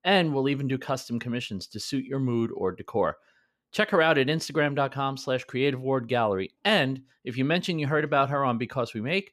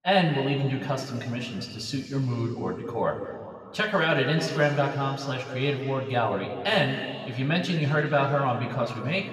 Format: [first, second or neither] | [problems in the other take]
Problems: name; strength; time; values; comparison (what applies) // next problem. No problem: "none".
first | room echo; noticeable; dies away in 2.4 s // off-mic speech; somewhat distant